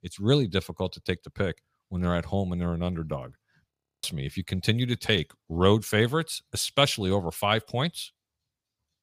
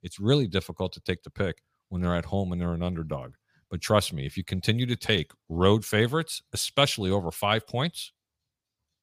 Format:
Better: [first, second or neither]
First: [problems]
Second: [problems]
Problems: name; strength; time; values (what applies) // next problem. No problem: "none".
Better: second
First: audio freezing; at 3.5 s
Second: none